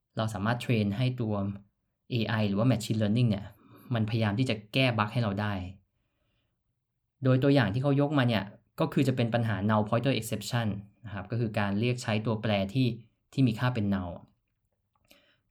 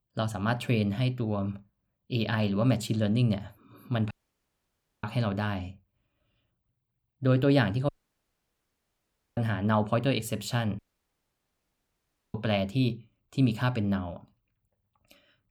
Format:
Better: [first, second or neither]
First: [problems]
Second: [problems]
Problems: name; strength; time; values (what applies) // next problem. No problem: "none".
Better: first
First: none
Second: audio cutting out; at 4 s for 1 s, at 8 s for 1.5 s and at 11 s for 1.5 s